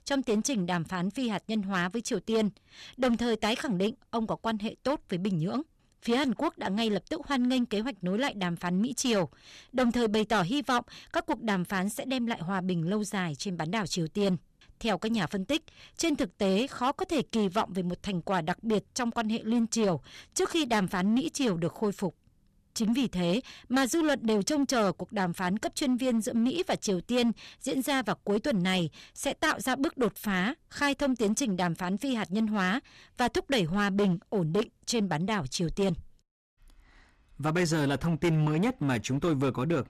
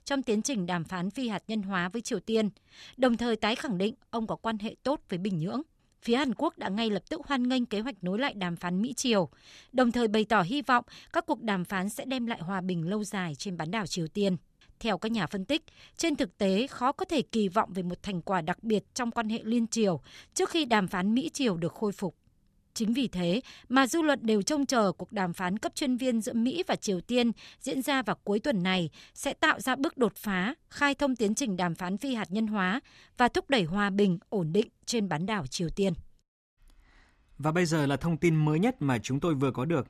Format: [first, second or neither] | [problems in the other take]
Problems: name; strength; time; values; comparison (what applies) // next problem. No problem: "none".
second | distortion; slight; 7% of the sound clipped